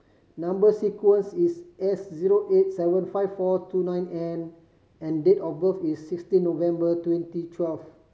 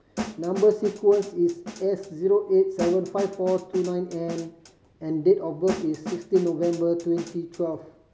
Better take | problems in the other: first | background sound (Snare drum); 13 dB below the speech

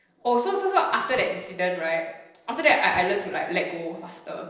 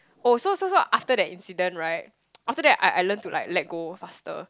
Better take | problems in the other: second | noise reduction (neural separator model SepFormer DNS4)

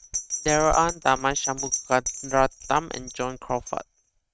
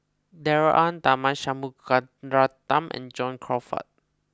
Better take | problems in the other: second | noise reduction (neural mask model RNNoise)

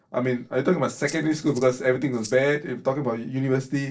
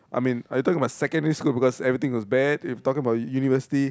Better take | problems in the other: second | noise reduction (neural separator model SepFormer DNS4)

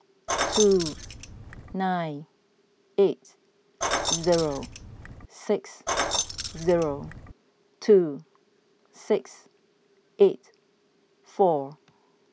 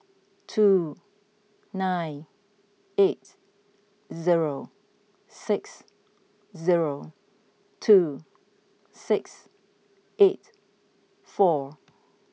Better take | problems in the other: second | background sound (Keys jangling); 3 dB below the speech

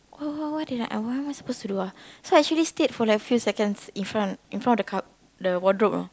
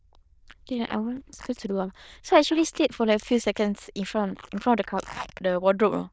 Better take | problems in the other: first | noise reduction (neural diffusion model UNIVERSE++)

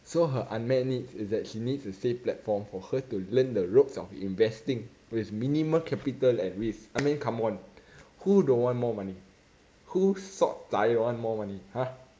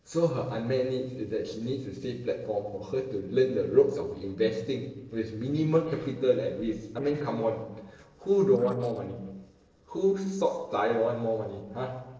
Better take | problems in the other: first | noise reduction (neural separator model SepFormer DNS4)

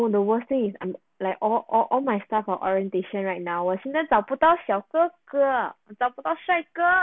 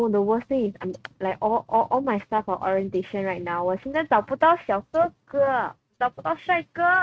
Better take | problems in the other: first | noise reduction (neural mask model RNNoise)

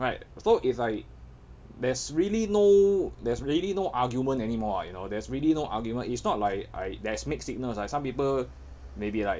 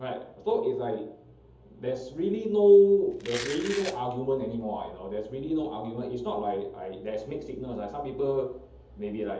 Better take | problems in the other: first | background sound (Domestic sounds, home sounds); 12 dB below the speech // room echo; dies away in 0.7 s

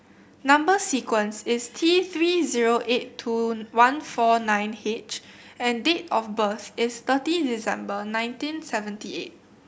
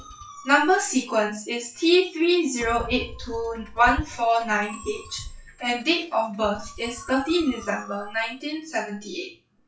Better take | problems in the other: first | noise reduction (classical method WPE with log-MMSE)

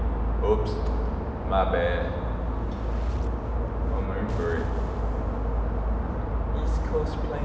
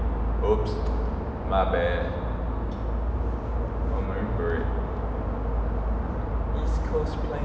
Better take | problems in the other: second | background sound (Explosion); 19 dB below the speech

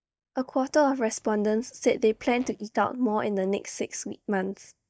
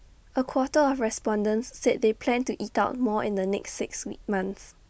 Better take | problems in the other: second | noise reduction (neural mask model DeepFilterNet 3)

